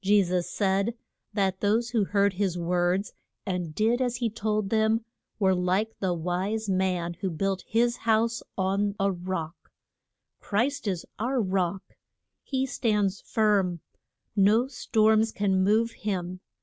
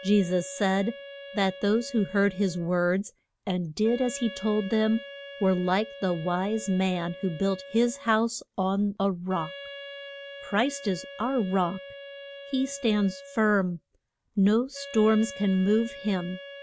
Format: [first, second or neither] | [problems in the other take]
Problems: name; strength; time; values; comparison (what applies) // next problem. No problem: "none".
first | background sound (Wind instrument, woodwind instrument); 16 dB below the speech